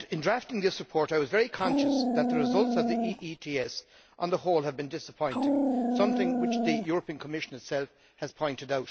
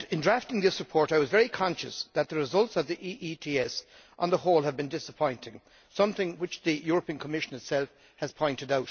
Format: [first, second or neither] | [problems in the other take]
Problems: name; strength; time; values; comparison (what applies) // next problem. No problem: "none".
second | background sound (Dog); 3 dB above the speech